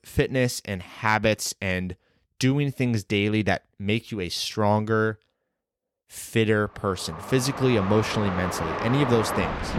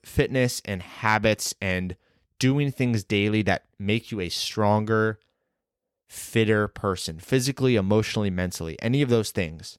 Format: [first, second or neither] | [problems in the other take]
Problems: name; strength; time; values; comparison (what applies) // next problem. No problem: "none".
second | train or aircraft noise; loud; from 7 s on; 5 dB below the speech